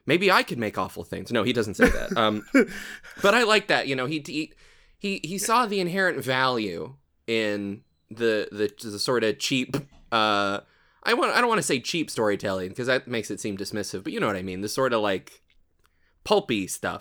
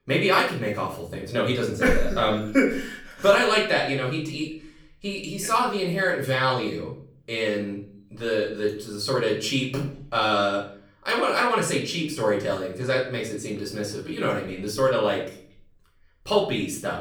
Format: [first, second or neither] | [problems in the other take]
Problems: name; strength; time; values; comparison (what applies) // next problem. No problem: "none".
first | off-mic speech; far // room echo; slight; dies away in 0.5 s